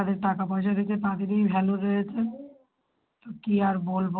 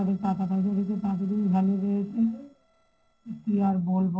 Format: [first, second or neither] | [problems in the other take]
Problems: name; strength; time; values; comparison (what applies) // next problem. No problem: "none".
first | noise reduction (neural separator model SepFormer DNS4)